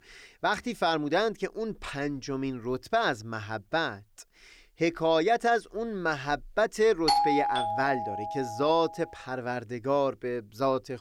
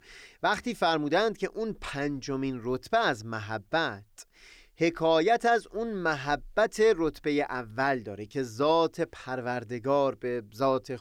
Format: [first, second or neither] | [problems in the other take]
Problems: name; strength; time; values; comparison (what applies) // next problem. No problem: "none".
second | doorbell; loud; from 7 to 8.5 s; peak 5 dB above the speech